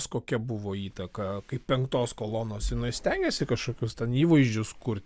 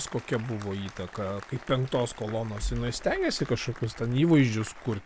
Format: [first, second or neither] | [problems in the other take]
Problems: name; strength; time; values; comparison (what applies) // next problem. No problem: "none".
first | background sound (Applause); 19 dB below the speech